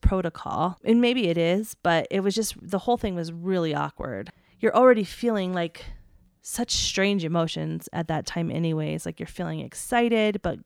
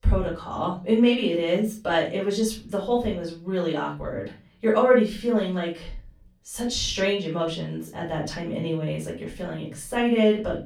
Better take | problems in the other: first | off-mic speech; far // room echo; slight; dies away in 0.3 s

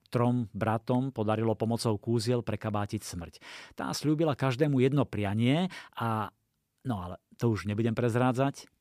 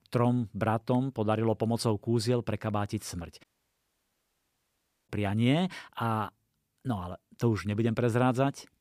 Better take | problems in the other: first | audio cutting out; at 3.5 s for 1.5 s

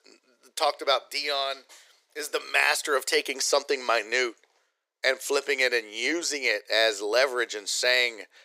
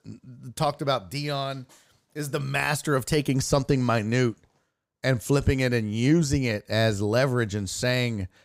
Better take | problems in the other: second | thin; very; fading below 400 Hz

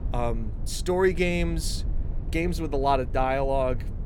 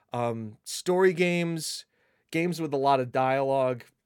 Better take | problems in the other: second | low rumble; faint; throughout; 20 dB below the speech

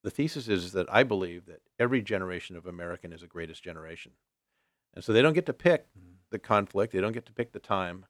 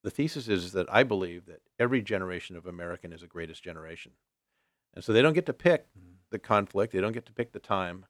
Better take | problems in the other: neither | none

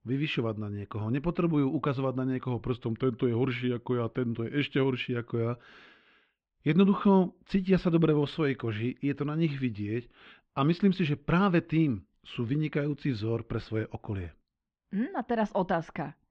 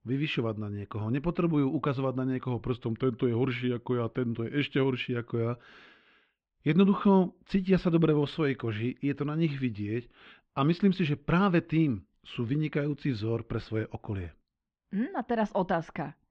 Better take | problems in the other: neither | muffled; very; fading above 3 kHz; the same in both

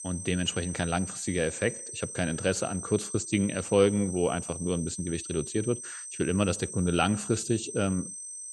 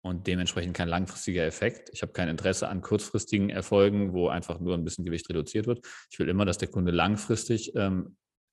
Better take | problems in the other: second | high-pitched whine; loud; throughout; 8.5 kHz, 8 dB below the speech

